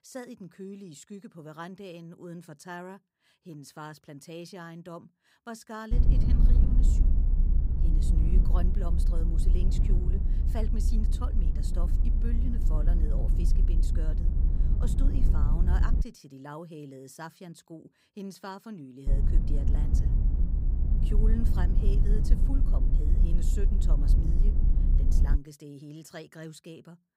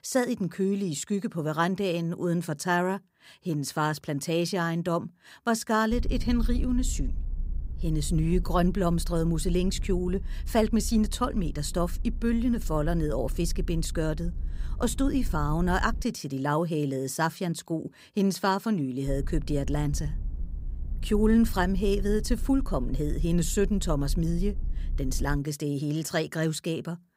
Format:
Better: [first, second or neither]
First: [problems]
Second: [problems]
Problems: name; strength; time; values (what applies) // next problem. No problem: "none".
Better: second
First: low rumble; loud; from 6 to 16 s and from 19 to 25 s; 1 dB below the speech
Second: low rumble; faint; from 6 to 16 s and from 19 to 25 s; 25 dB below the speech